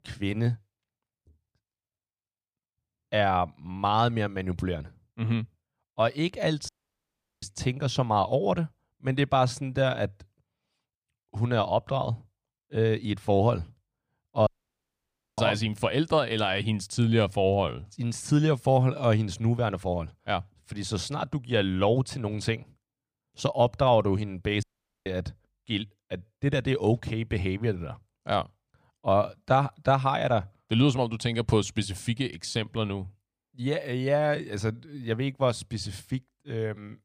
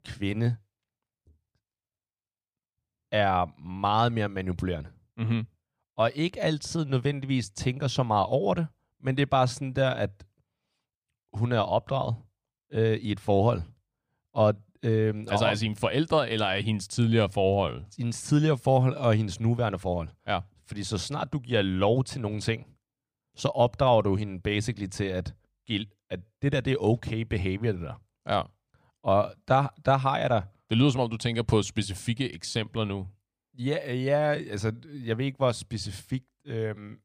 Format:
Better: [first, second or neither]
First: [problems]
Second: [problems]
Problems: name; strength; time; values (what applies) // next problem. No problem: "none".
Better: second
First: audio cutting out; at 6.5 s for 0.5 s, at 14 s for 1 s and at 25 s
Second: none